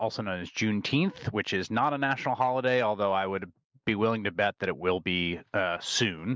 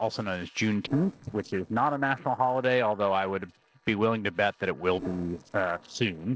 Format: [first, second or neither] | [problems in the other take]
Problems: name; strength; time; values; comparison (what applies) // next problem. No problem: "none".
first | noise reduction (neural separator model SepFormer DNS4)